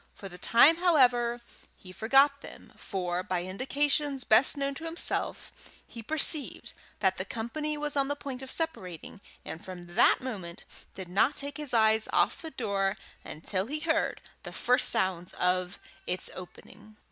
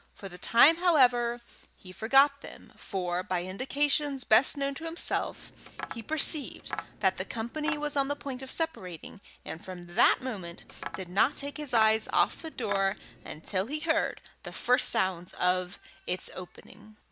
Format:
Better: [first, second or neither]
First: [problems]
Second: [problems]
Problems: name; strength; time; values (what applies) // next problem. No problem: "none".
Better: first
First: none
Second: background sound (Tap); 13 dB below the speech